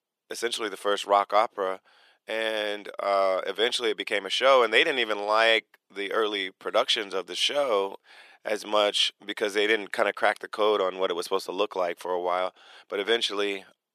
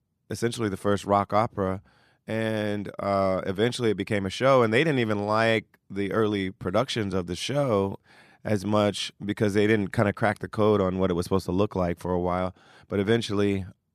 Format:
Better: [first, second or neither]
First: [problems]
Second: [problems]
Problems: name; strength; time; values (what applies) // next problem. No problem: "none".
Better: second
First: thin; very; fading below 450 Hz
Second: none